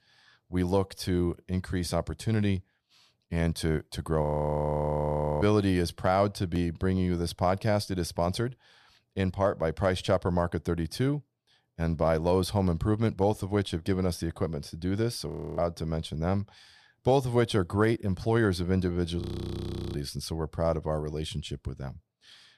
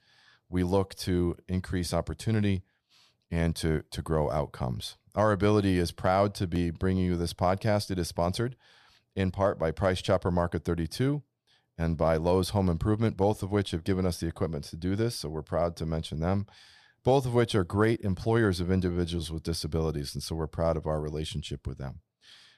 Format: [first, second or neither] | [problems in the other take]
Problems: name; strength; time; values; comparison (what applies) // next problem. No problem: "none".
second | audio freezing; at 4 s for 1 s, at 15 s and at 19 s for 0.5 s